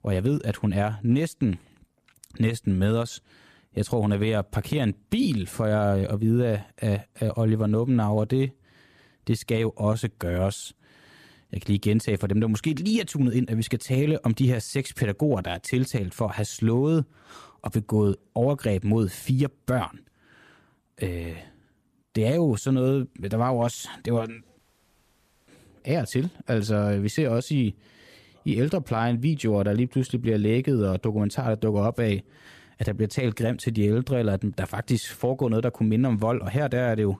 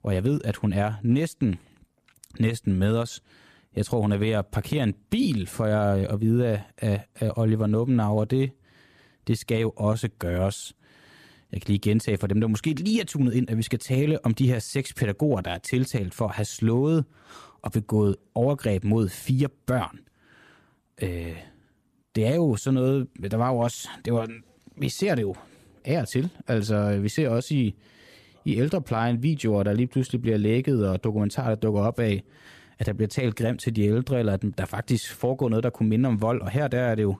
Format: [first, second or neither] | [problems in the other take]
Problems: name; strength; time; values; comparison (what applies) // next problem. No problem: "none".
second | audio cutting out; at 25 s for 1 s